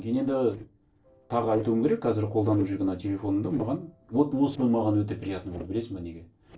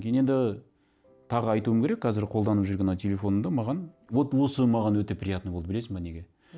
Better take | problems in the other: second | noise reduction (neural separator model SepFormer DNS4)

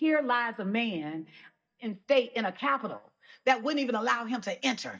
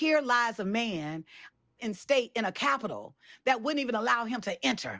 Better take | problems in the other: second | noise reduction (neural mask model DeepFilterNet 3)

